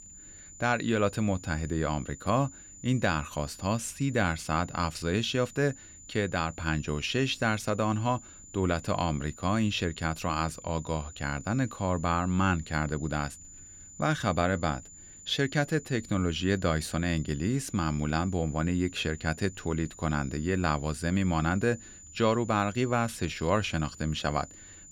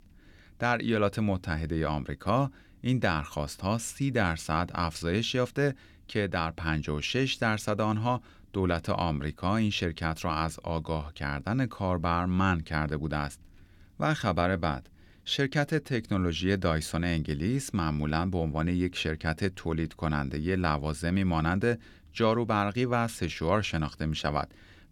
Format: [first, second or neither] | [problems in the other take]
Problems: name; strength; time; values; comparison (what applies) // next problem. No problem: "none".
second | high-pitched whine; noticeable; throughout; 7 kHz, 20 dB below the speech